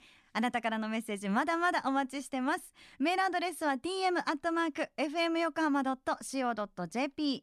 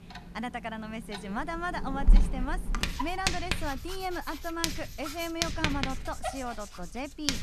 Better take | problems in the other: first | household noises; very loud; throughout; 3 dB above the speech

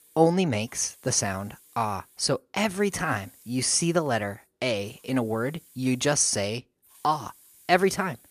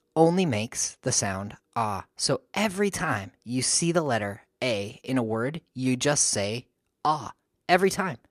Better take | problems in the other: second | hiss; faint; throughout; 25 dB below the speech

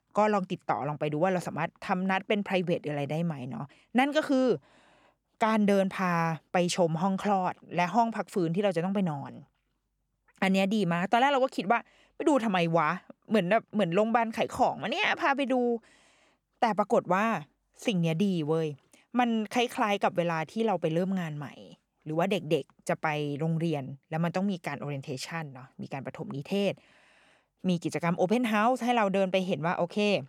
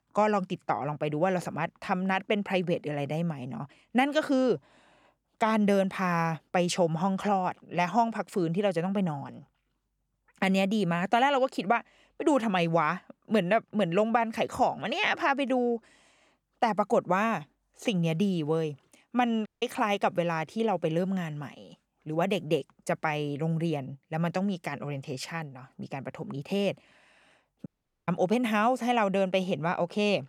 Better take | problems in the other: first | audio cutting out; at 19 s and at 28 s

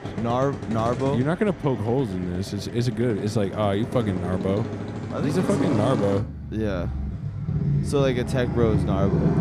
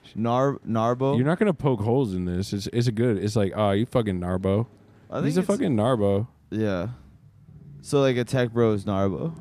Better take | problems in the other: second | traffic noise; loud; throughout; 4 dB below the speech; faint in the second

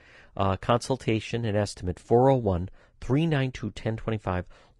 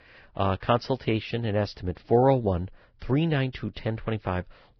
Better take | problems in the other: first | garbled, watery; badly; nothing above 5.5 kHz; slightly in the first

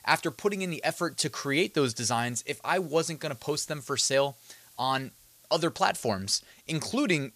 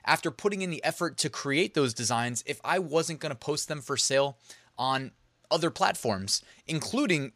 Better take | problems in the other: second | hiss; faint; throughout; 25 dB below the speech

